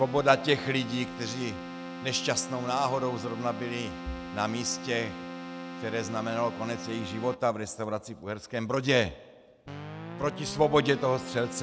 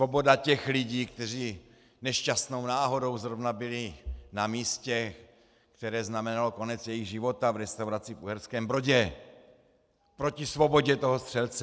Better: second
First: background sound (Keyboard (musical)); 10 dB below the speech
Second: none

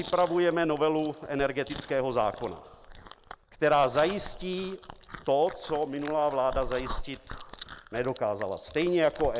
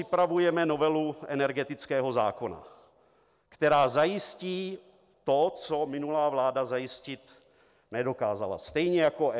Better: second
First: background sound (Chewing, mastication); 13 dB below the speech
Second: none

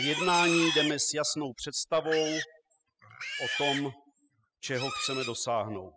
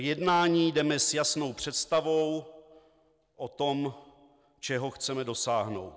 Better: second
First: noise reduction (classical method spectral subtraction)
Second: none

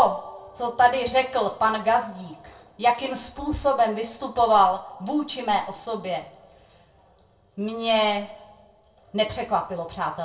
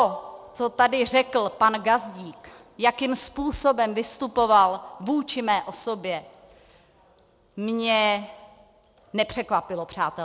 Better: second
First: room echo; dies away in 0.3 s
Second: none

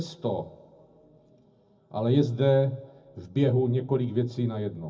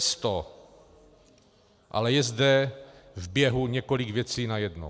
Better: second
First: room echo; dies away in 0.4 s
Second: none

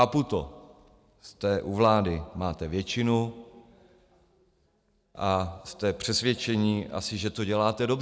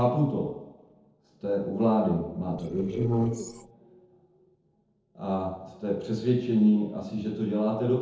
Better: first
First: none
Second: noise reduction (neural separator model SepFormer DNS4)

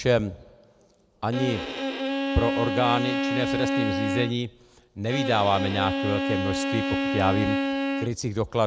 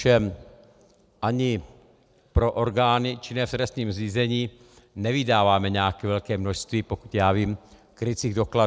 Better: second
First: background sound (Bowed string instrument); 1 dB below the speech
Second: none

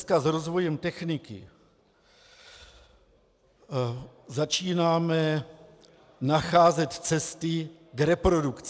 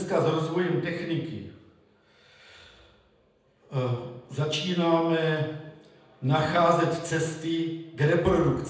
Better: first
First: none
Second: room echo; dies away in 0.8 s

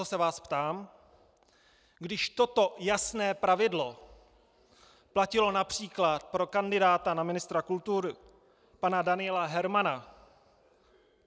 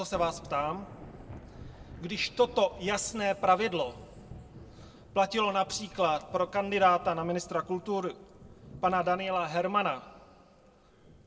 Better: first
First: none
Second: background sound (Thunder / Rain); 19 dB below the speech // room echo; dies away in 1 s

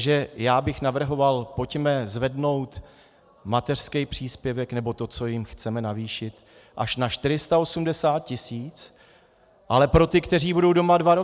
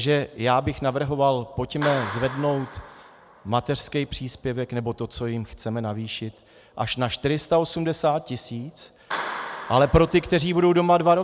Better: first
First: none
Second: background sound (Clapping); 16 dB below the speech

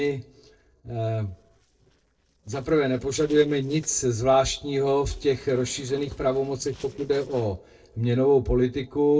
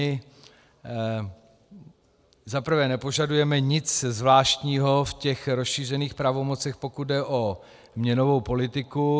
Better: second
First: noise reduction (neural separator model SepFormer DNS4)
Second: none

